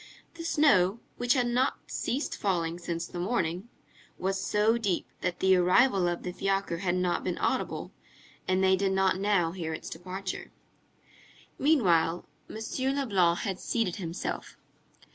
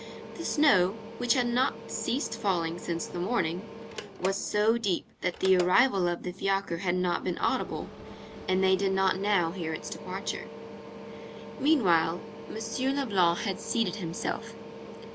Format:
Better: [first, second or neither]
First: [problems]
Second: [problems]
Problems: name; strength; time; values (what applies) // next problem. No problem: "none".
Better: first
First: none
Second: background sound (Mechanical fan); 13 dB below the speech